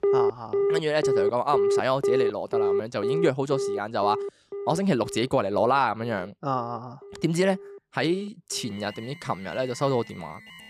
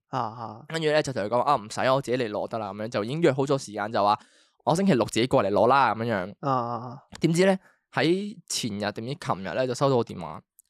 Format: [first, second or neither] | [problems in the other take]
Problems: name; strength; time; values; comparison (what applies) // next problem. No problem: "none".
second | alarms or sirens; very loud; throughout; as loud as the speech